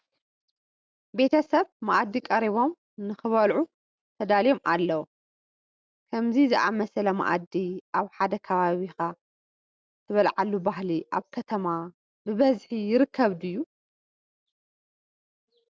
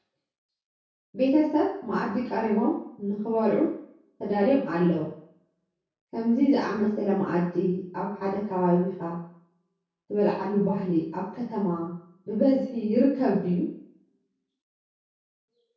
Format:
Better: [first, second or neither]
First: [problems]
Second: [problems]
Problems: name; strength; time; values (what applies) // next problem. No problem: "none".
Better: first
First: none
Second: room echo; dies away in 0.6 s